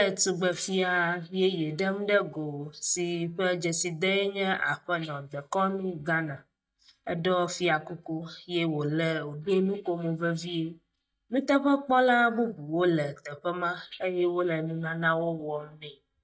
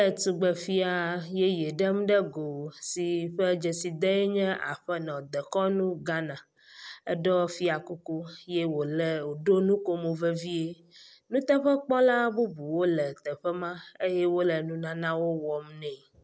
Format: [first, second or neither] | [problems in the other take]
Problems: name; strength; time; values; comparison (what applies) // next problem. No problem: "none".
second | noise reduction (neural mask model DeepFilterNet 3)